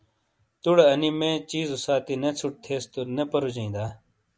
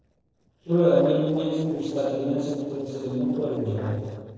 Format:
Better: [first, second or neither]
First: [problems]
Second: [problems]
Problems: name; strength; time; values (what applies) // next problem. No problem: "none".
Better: first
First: none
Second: noise reduction (neural separator model SepFormer DNS4)